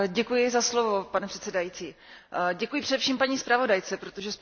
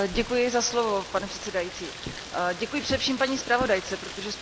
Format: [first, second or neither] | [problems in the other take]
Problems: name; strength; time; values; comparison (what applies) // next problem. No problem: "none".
first | background sound (Rain + Walk, footsteps); 10 dB below the speech